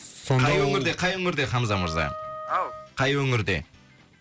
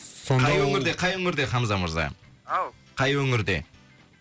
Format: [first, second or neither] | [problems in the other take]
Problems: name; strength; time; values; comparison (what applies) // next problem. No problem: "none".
second | background sound (Wind instrument, woodwind instrument); 13 dB below the speech